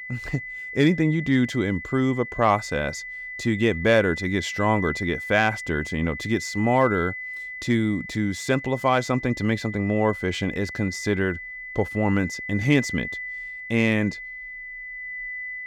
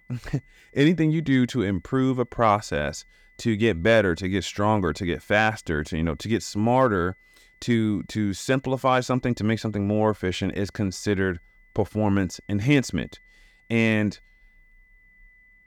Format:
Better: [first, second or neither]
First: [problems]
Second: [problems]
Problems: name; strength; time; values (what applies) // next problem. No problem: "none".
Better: second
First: high-pitched whine; loud; throughout; 2 kHz, 9 dB below the speech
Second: high-pitched whine; faint; throughout; 2 kHz, 35 dB below the speech